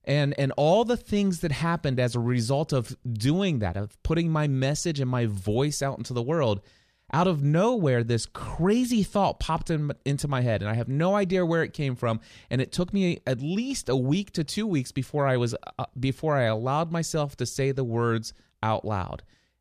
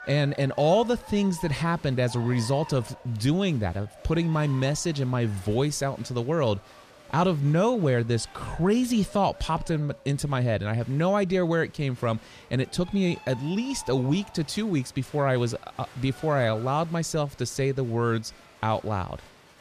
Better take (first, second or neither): first